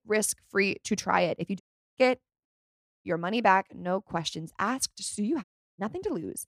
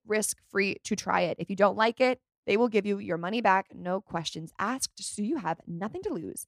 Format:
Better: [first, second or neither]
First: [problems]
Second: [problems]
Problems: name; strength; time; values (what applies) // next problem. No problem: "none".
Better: second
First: audio cutting out; at 1.5 s, at 2.5 s for 0.5 s and at 5.5 s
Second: none